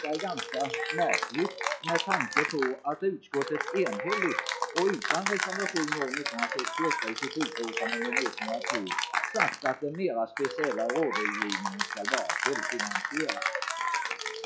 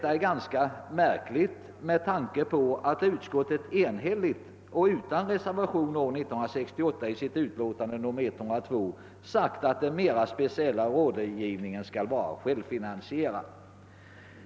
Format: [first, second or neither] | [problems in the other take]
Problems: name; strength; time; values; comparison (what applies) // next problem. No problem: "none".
second | noise reduction (classical method log-MMSE)